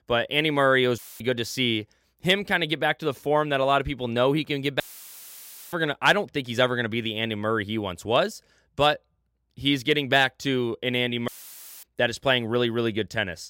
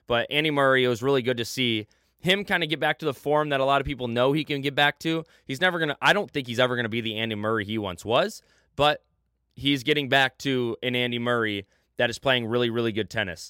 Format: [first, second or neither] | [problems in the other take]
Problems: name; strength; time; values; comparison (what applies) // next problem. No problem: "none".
second | audio cutting out; filled with static; at 1 s, at 5 s for 1 s and at 11 s for 0.5 s